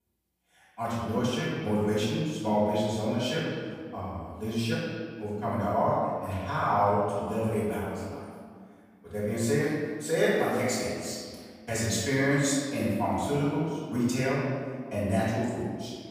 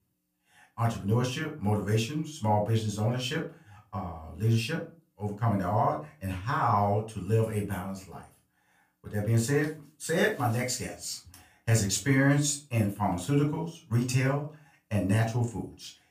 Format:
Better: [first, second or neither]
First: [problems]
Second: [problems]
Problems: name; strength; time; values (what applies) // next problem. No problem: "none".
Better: second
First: room echo; strong; dies away in 1.8 s // off-mic speech; far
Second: room echo; slight; dies away in 0.3 s // off-mic speech; far